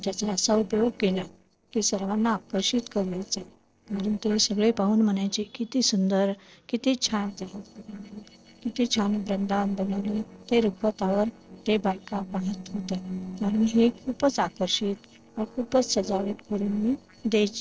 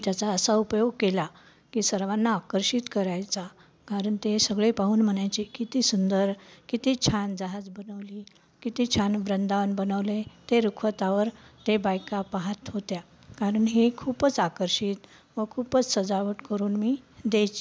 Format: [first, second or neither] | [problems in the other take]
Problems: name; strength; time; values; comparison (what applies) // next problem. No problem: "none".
second | noise reduction (neural separator model SepFormer DNS4)